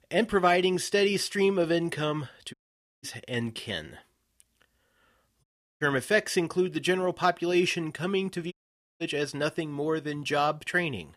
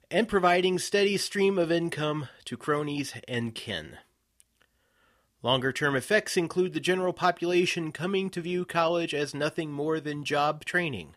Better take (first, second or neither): second